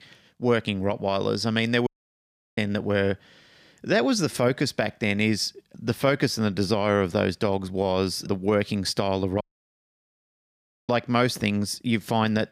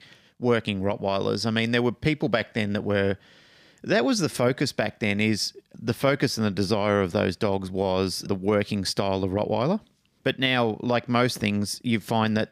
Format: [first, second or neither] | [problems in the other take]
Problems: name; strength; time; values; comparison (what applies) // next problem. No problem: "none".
second | audio cutting out; at 2 s for 0.5 s and at 9.5 s for 1.5 s